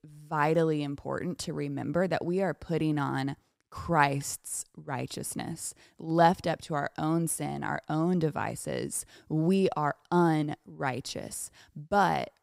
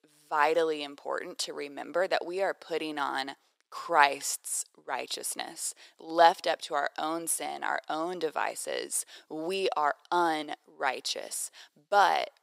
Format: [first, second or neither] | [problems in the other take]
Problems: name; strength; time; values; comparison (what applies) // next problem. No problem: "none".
first | thin; very; fading below 450 Hz